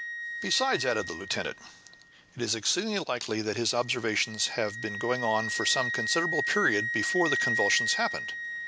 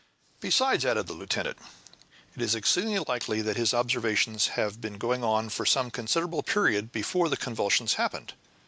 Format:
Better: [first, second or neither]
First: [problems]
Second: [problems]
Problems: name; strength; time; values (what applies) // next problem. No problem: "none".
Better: second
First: background sound (Wind instrument, woodwind instrument); 4 dB below the speech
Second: none